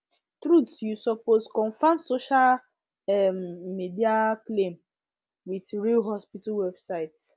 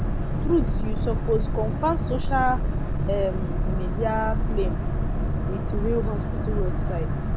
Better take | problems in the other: first | background sound (Boat, Water vehicle); 5 dB above the speech

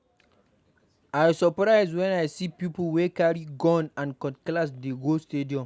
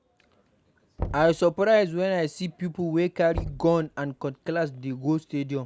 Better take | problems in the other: first | background sound (Knock / Wood); 14 dB below the speech

